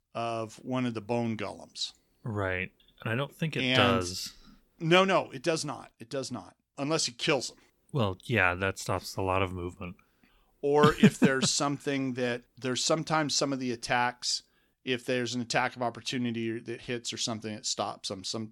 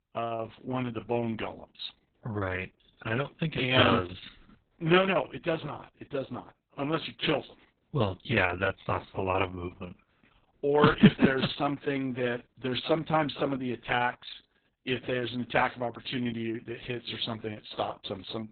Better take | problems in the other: first | garbled, watery; badly; nothing above 4 kHz

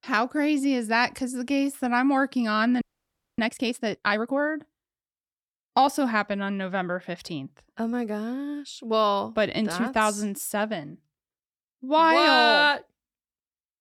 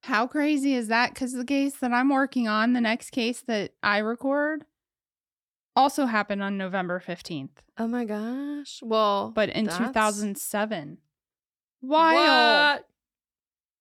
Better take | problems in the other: second | audio freezing; at 3 s for 0.5 s

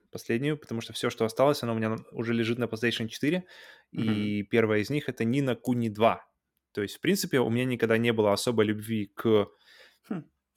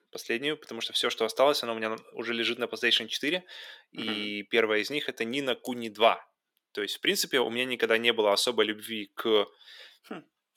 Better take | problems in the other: first | thin; somewhat; fading below 400 Hz

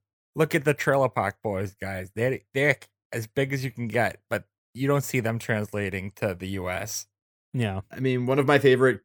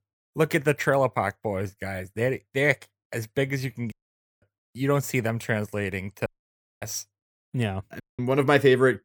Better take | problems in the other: first | audio cutting out; at 4 s for 0.5 s, at 6.5 s for 0.5 s and at 8 s

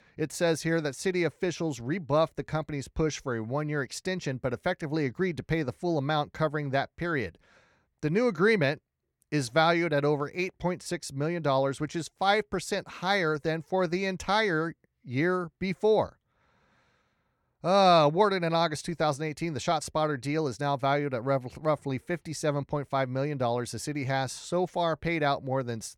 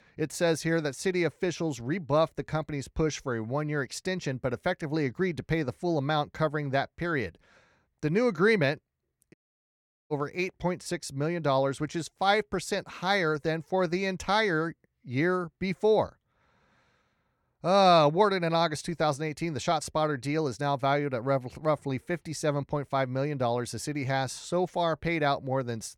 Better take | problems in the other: first | audio cutting out; at 9.5 s for 1 s

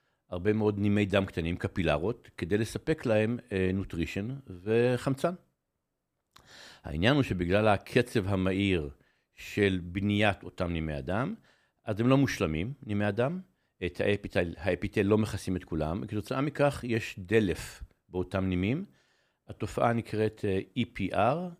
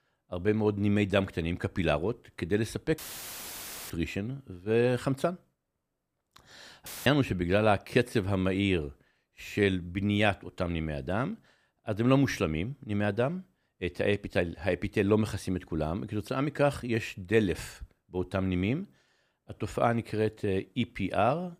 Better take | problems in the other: first | audio cutting out; filled with static; at 3 s for 1 s and at 7 s

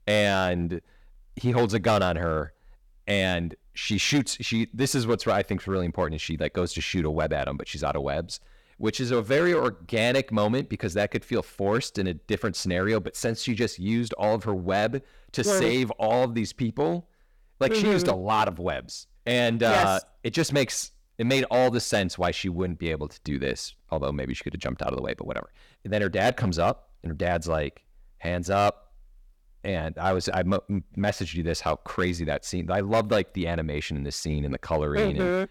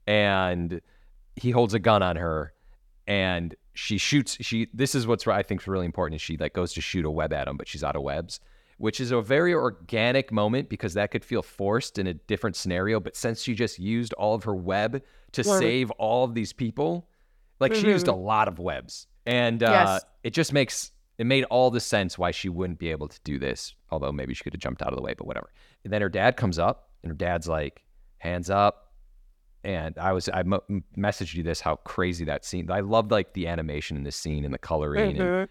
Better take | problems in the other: second | distortion; slight; 4% of the sound clipped

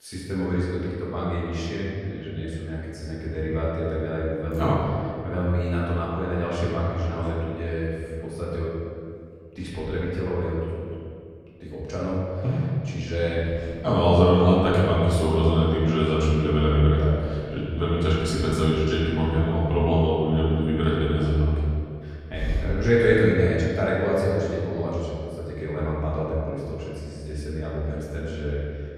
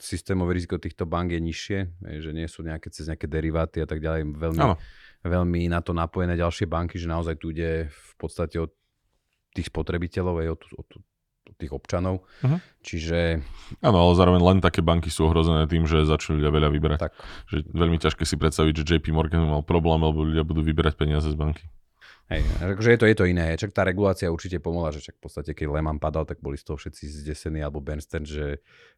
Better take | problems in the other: second | room echo; strong; dies away in 2.1 s // off-mic speech; far

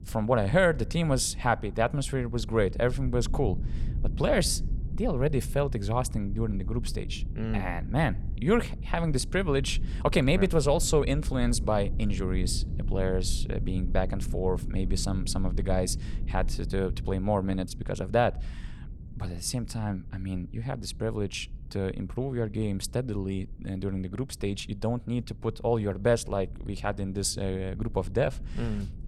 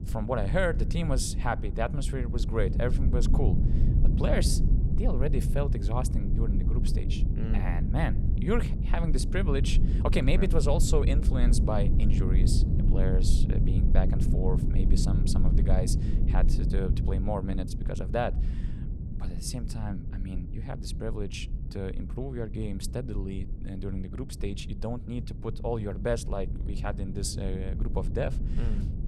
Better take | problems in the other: first | low rumble; loud; throughout; 8 dB below the speech; faint in the first

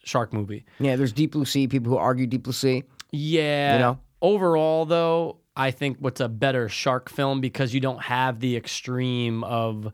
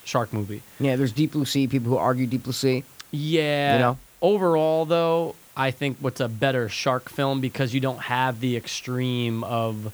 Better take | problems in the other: first | hiss; faint; throughout; 25 dB below the speech

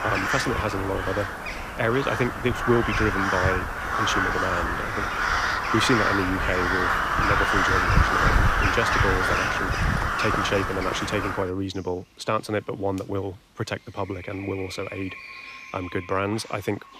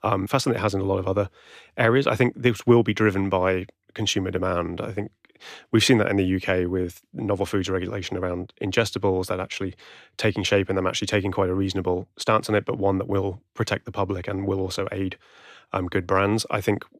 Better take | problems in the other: second | animal sounds; very loud; throughout; 4 dB above the speech

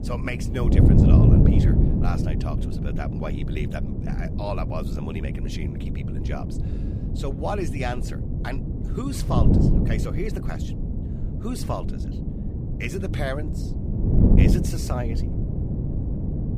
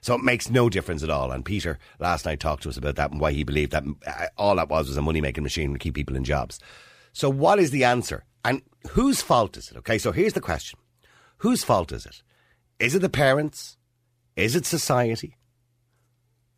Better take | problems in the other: second | wind noise on the microphone; heavy; as loud as the speech

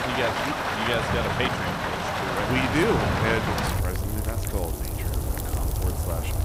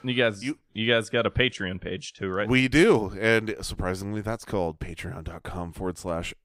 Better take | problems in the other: second | rain or running water; very loud; throughout; 3 dB above the speech

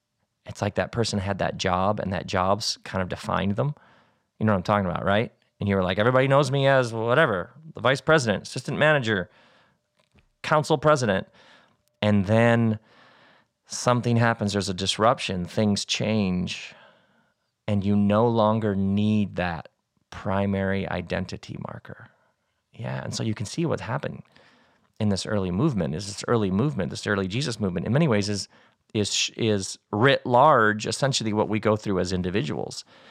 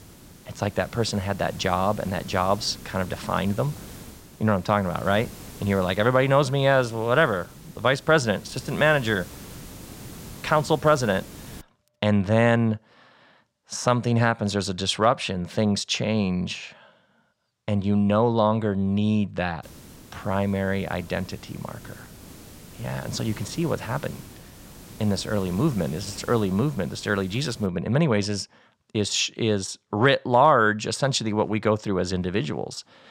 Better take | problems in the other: first | hiss; noticeable; until 12 s and from 20 to 28 s; 20 dB below the speech

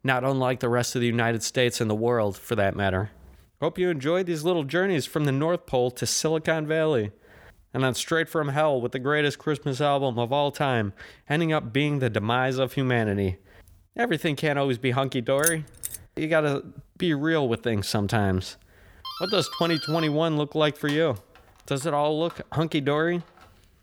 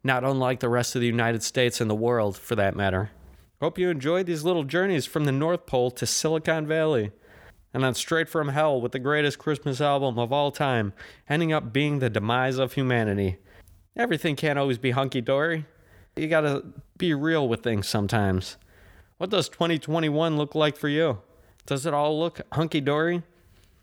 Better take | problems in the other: second | jangling keys; noticeable; at 15 s; peak 1 dB below the speech // doorbell; noticeable; from 19 s on; peak 7 dB below the speech

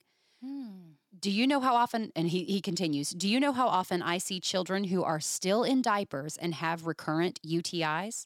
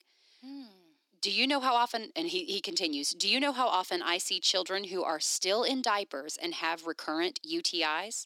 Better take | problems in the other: first | thin; very slightly; fading below 300 Hz

